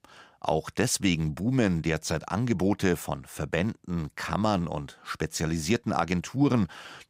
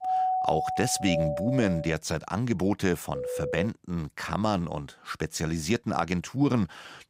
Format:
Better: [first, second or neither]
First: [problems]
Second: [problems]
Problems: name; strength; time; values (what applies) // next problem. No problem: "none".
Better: first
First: none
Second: doorbell; loud; until 2 s; peak 3 dB above the speech // phone ringing; noticeable; at 3 s; peak 4 dB below the speech